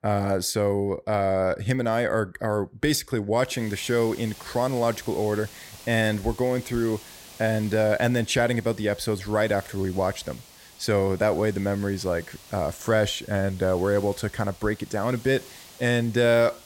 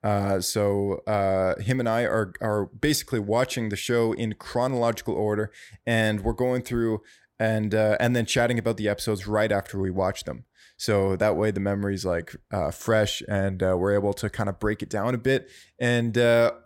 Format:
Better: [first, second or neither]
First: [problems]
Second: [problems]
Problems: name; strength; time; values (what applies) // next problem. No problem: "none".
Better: second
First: hiss; noticeable; from 3.5 s on; 20 dB below the speech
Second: none